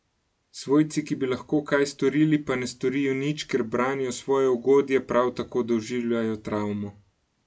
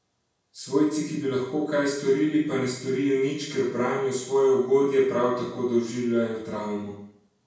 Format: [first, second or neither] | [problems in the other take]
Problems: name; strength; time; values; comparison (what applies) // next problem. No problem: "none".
first | room echo; dies away in 0.7 s